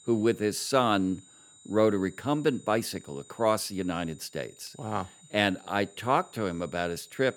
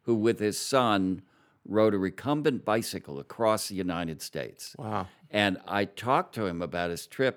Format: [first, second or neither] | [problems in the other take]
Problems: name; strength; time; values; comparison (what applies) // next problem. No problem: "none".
second | high-pitched whine; faint; throughout; 7 kHz, 25 dB below the speech